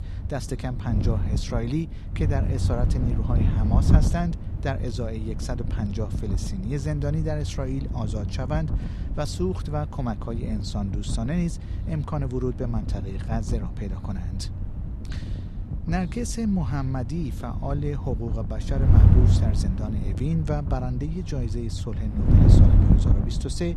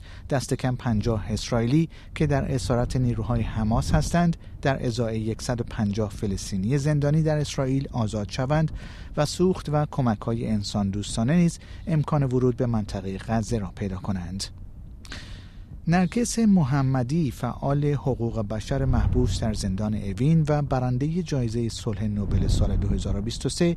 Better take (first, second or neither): second